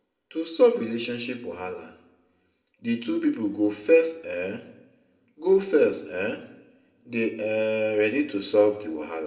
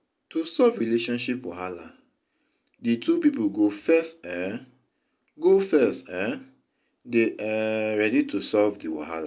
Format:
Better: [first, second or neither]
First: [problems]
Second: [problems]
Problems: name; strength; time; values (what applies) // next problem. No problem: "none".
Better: second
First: room echo; dies away in 0.7 s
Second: none